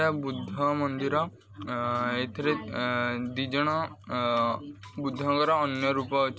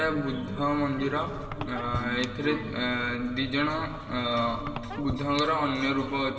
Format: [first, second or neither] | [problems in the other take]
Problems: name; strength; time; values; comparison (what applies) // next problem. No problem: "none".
first | background sound (Squeak); 12 dB below the speech // room echo; dies away in 2.9 s